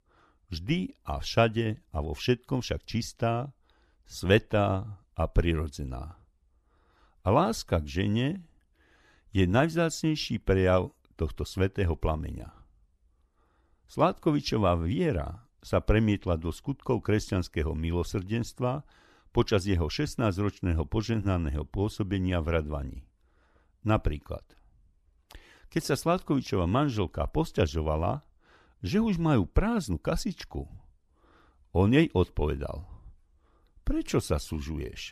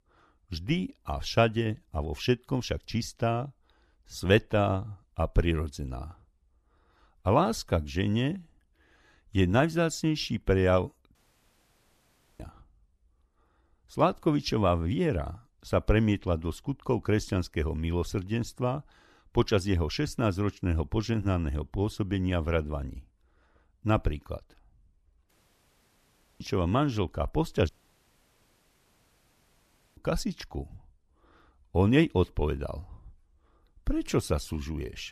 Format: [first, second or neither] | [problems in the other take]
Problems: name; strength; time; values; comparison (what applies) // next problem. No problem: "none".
first | audio cutting out; at 11 s for 1 s, at 25 s for 1 s and at 28 s for 2.5 s